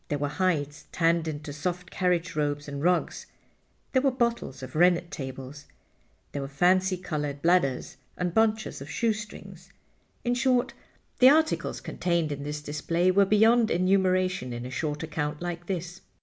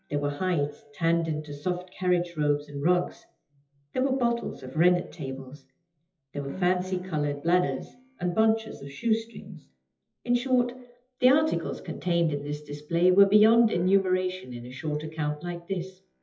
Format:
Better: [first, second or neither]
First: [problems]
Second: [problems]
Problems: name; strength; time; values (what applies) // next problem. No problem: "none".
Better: first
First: none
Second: noise reduction (classical method WPE with log-MMSE)